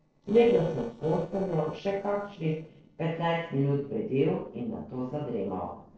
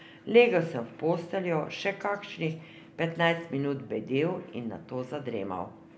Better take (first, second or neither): second